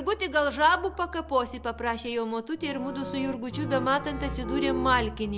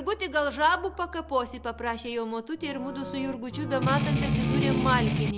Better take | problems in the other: first | background sound (Strum); 3 dB above the speech

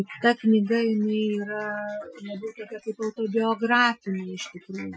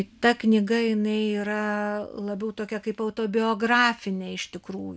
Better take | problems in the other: second | noise reduction (classical method Wiener filter)

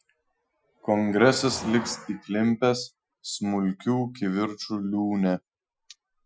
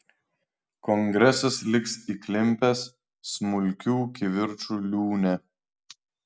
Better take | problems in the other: second | noise reduction (classical method Wiener filter)

